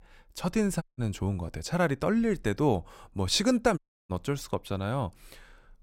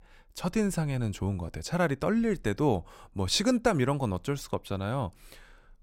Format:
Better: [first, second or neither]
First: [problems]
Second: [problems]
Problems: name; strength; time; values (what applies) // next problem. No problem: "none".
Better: second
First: audio cutting out; at 1 s and at 4 s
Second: none